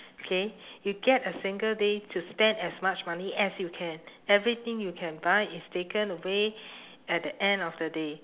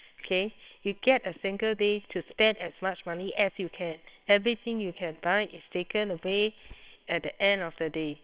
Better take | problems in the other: first | noise reduction (neural separator model SepFormer WHAMR!)

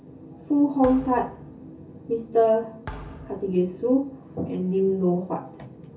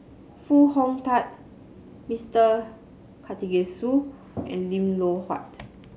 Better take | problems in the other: second | background sound (Thump, thud); 18 dB below the speech // room echo; dies away in 0.3 s

